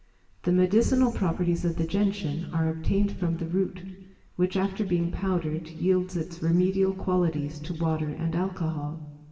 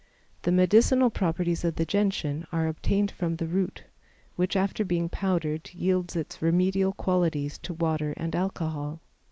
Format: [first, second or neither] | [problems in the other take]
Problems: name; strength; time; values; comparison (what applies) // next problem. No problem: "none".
second | room echo; dies away in 1.2 s